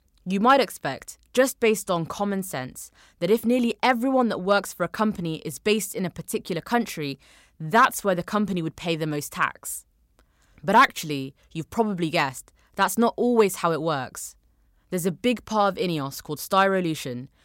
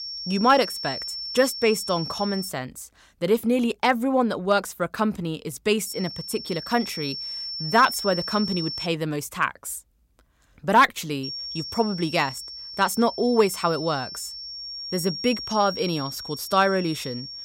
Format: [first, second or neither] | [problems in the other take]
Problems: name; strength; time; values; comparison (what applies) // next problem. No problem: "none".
first | high-pitched whine; loud; until 2.5 s, from 6 to 9 s and from 11 s on; 5.5 kHz, 8 dB below the speech